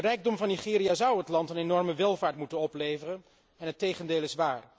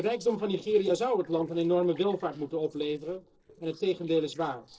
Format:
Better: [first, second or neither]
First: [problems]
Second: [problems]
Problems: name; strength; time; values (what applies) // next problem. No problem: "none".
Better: first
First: none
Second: noise reduction (neural separator model SepFormer DNS4)